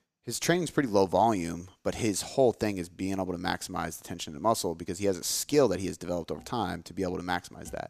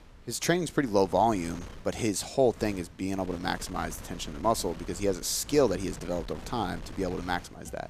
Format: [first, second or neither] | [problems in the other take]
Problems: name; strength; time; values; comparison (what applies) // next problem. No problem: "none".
first | wind noise on the microphone; occasional gusts; 20 dB below the speech